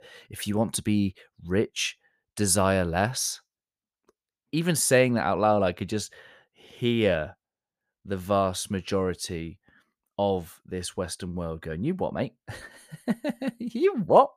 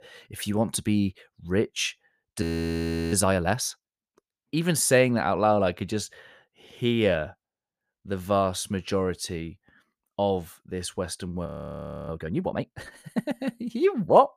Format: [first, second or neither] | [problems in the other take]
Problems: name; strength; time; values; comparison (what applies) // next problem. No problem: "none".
first | audio freezing; at 2.5 s for 0.5 s and at 11 s for 0.5 s